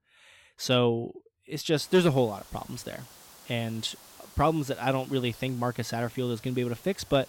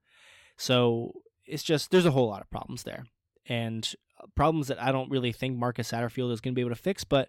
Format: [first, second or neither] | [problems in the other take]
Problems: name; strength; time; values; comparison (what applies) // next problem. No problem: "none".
second | hiss; faint; from 2 s on; 20 dB below the speech